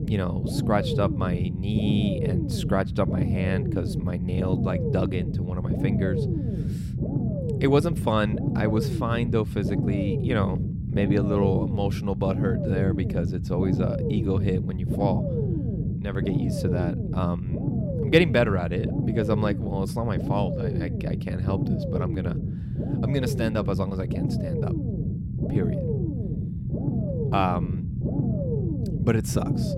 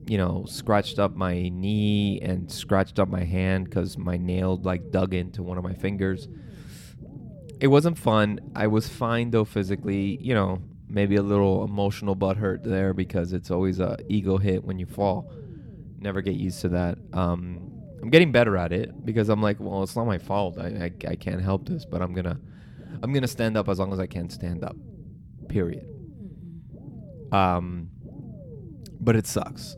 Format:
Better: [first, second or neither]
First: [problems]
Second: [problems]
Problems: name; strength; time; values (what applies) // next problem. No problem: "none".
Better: second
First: low rumble; loud; throughout; 5 dB below the speech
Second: low rumble; faint; throughout; 25 dB below the speech